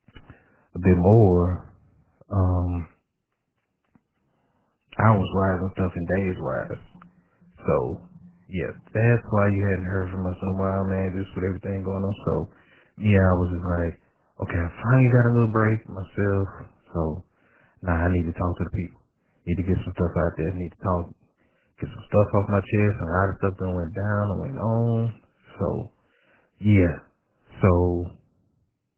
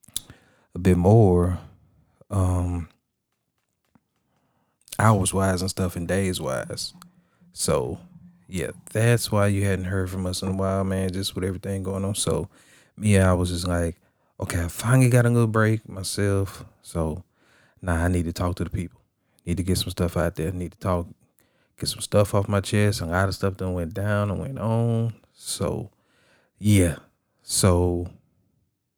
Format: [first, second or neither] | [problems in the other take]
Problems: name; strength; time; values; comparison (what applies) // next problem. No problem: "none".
second | garbled, watery; badly